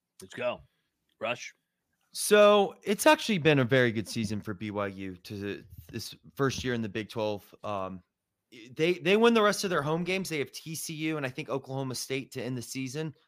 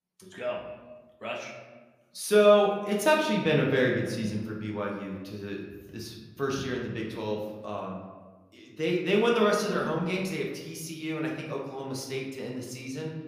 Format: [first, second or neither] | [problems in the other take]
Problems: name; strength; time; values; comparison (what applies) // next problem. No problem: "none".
first | room echo; noticeable; dies away in 1.1 s // off-mic speech; somewhat distant